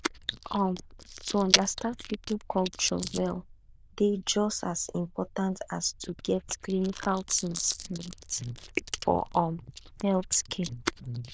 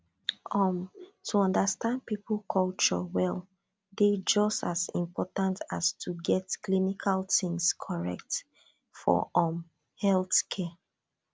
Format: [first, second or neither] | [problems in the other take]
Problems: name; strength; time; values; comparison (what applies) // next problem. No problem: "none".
second | noise reduction (neural diffusion model UNIVERSE++)